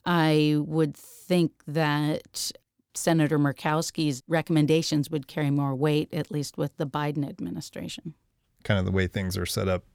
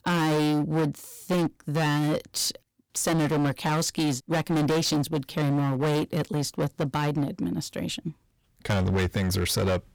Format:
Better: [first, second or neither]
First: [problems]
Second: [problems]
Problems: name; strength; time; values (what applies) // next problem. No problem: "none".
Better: first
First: none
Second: distortion; heavy; 20% of the sound clipped